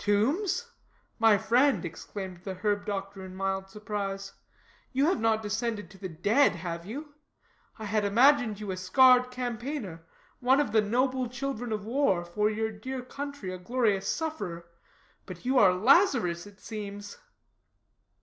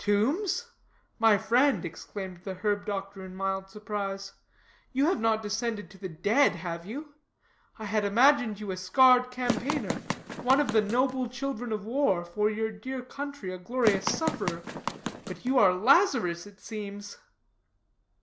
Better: first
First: none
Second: background sound (Run); 5 dB below the speech

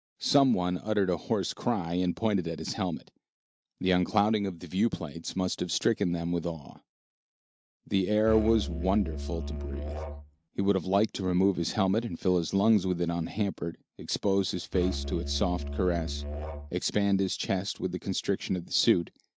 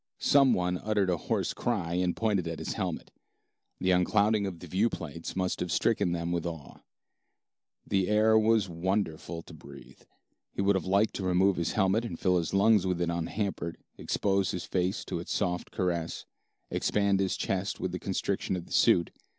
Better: second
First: noise reduction (neural mask model RNNoise)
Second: none

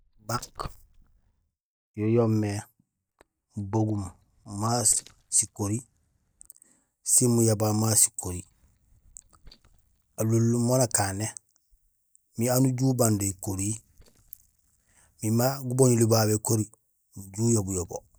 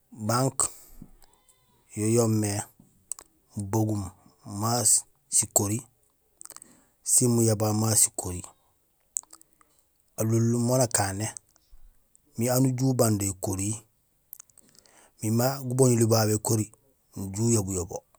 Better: second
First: noise reduction (neural mask model DeepFilterNet 3)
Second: none

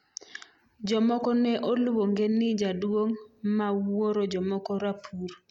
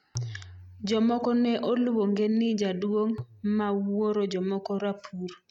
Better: first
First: none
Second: noise reduction (neural mask model RNNoise)

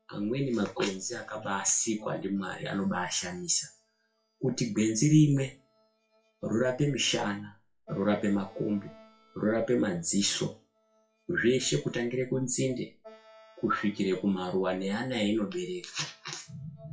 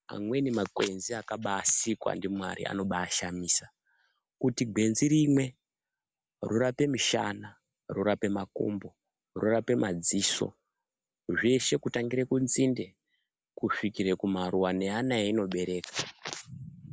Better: second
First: noise reduction (classical method WPE with log-MMSE)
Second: none

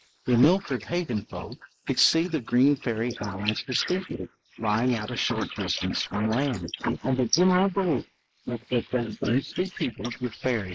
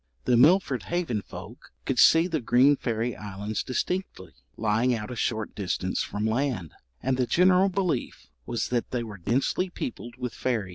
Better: second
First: noise reduction (neural mask model Resemble Enhance denoiser)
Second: none

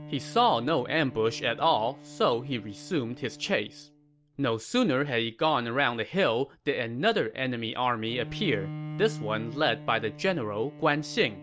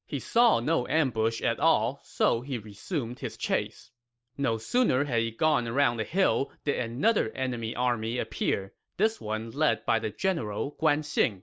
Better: second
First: background sound (Bowed string instrument); 15 dB below the speech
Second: none

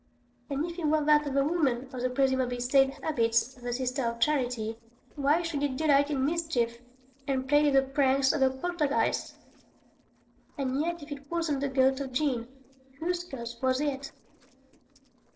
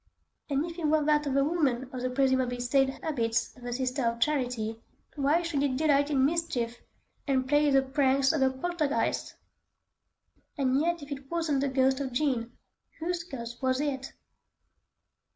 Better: second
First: noise reduction (neural separator model SepFormer DNS4)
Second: none

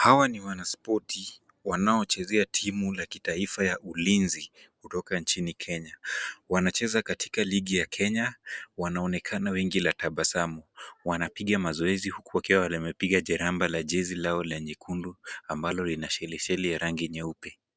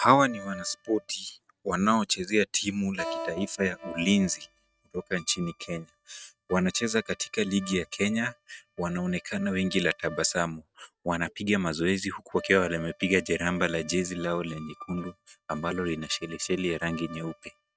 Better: first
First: none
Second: noise reduction (neural mask model RNNoise)

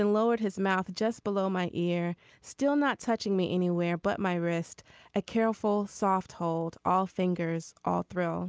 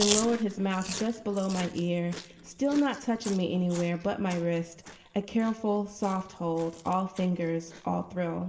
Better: first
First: none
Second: background sound (Chewing, mastication); 11 dB below the speech // room echo; dies away in 1.9 s

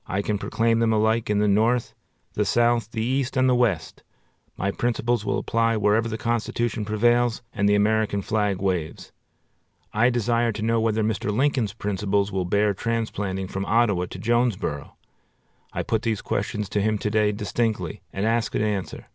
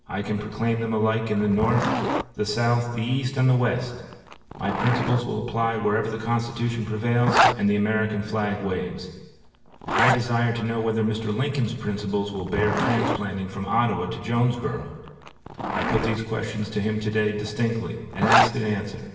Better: first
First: none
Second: background sound (Zipper (clothing)); 5 dB below the speech // room echo; dies away in 1.2 s

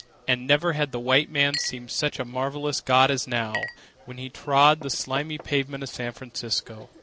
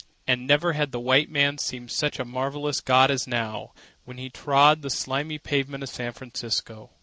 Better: second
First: background sound (Chink, clink); 16 dB below the speech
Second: none

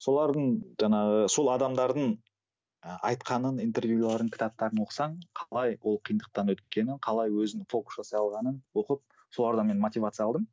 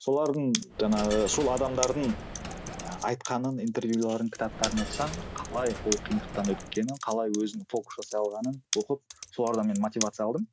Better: first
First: none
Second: background sound (Coin (dropping) + Computer keyboard); 9 dB below the speech

